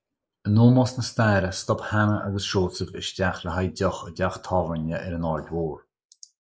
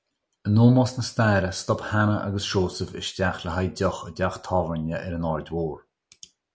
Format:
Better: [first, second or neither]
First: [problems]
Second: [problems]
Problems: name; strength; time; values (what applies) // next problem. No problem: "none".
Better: second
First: noise reduction (neural mask model Resemble Enhance denoiser)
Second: none